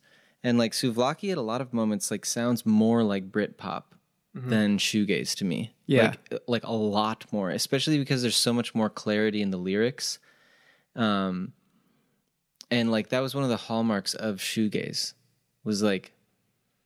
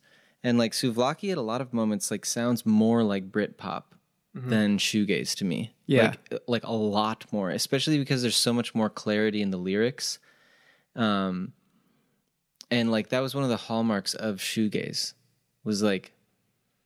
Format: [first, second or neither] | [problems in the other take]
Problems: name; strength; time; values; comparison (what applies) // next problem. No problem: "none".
neither | none